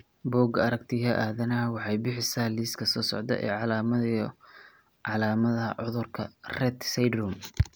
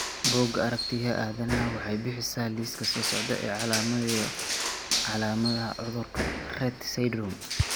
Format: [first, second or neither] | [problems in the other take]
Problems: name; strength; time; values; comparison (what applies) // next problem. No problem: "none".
first | background sound (Crushing); 3 dB below the speech